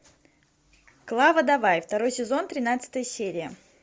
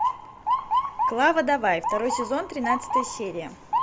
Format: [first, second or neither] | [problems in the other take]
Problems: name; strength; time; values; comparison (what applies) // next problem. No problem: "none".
first | background sound (Motor vehicle (road) / Siren); 1 dB below the speech